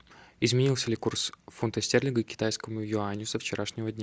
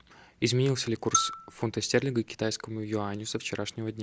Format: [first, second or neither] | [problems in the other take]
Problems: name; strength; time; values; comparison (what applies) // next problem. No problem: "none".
first | background sound (Marimba, xylophone); 5 dB below the speech